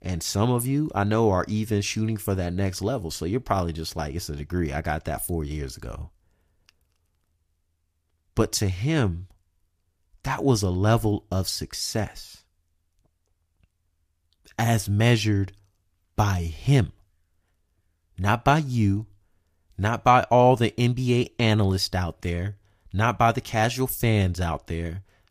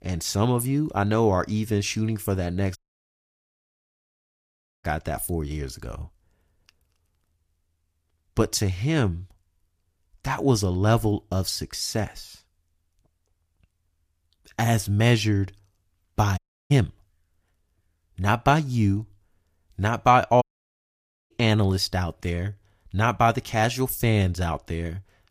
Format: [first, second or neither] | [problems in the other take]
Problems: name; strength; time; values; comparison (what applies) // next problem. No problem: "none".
first | audio cutting out; at 3 s for 2 s, at 16 s and at 20 s for 1 s